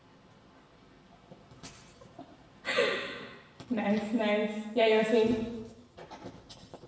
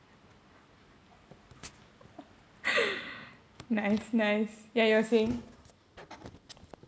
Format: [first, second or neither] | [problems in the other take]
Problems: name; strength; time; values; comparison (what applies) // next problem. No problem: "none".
second | room echo; dies away in 1.1 s